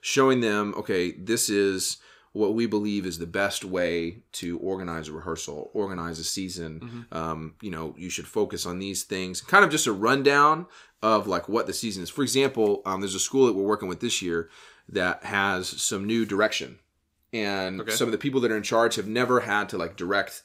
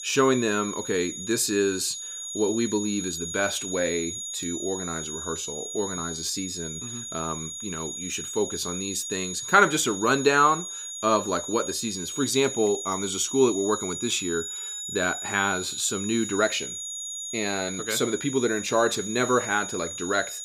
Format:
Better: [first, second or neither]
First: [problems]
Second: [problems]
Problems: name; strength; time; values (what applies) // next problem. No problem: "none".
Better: first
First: none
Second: high-pitched whine; loud; throughout; 6.5 kHz, 6 dB below the speech